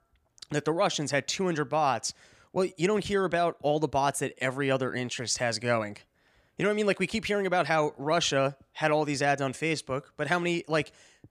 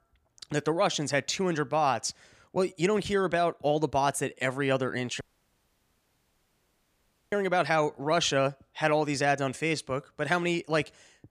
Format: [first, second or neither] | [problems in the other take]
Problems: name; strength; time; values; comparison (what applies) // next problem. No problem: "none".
first | audio cutting out; at 5 s for 2 s